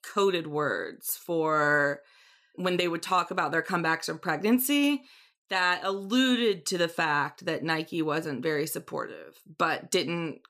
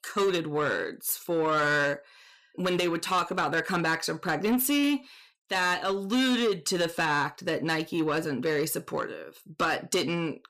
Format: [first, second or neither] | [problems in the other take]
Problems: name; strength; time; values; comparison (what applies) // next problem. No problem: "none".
first | distortion; slight; 10 dB below the speech